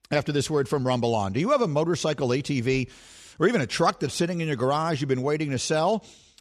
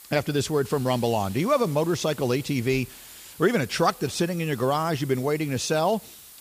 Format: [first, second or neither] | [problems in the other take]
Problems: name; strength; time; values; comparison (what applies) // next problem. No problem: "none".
first | hiss; noticeable; throughout; 20 dB below the speech